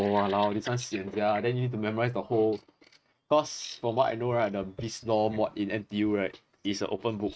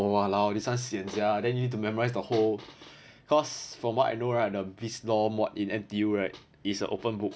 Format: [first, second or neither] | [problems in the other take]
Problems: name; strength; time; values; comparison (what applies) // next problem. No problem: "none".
second | noise reduction (neural mask model RNNoise)